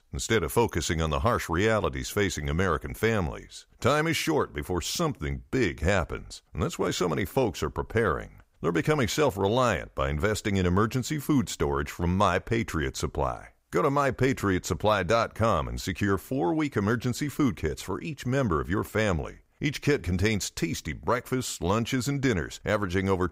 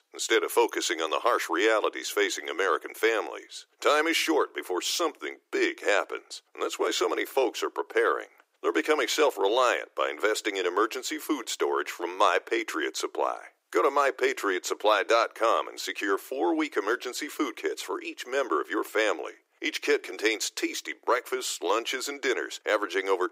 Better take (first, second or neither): first